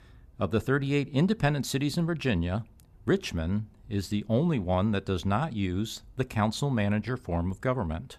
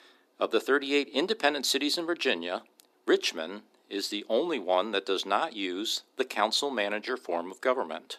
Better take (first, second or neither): first